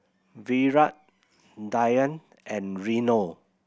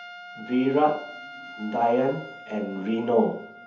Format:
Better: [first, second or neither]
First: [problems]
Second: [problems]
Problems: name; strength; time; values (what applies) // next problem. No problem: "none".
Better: first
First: none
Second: background sound (Trumpet); 16 dB below the speech // room echo; dies away in 0.7 s